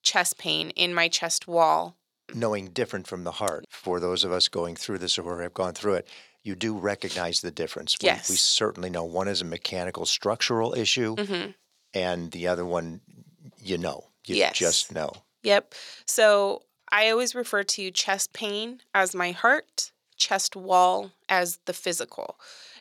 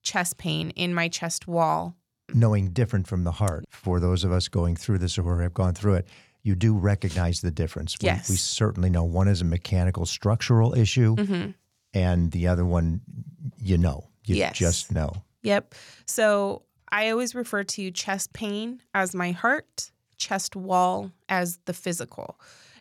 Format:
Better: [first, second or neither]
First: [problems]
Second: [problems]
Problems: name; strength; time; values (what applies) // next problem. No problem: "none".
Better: second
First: thin; very; fading below 400 Hz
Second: none